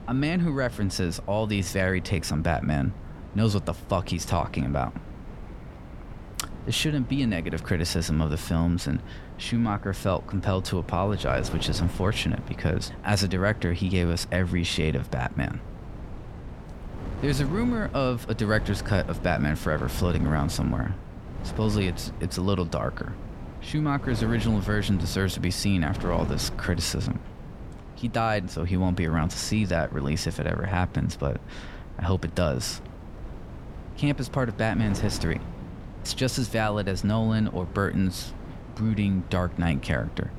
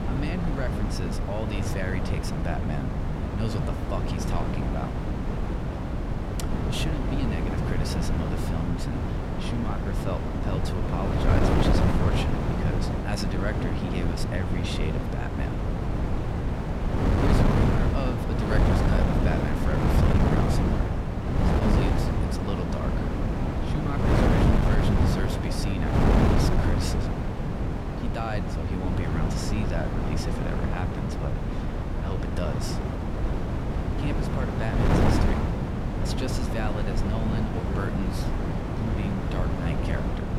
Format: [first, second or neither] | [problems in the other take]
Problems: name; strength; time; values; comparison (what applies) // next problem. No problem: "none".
first | wind noise on the microphone; heavy; 4 dB above the speech; occasional gusts in the first